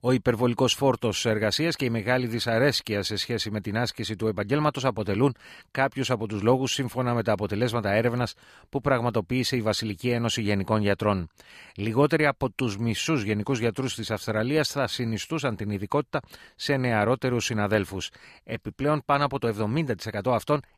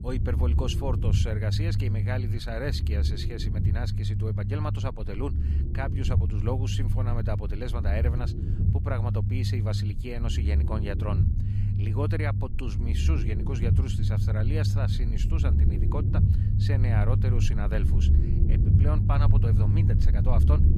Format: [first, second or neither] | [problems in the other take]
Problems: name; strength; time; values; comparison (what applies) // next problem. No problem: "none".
first | low rumble; loud; throughout; 3 dB below the speech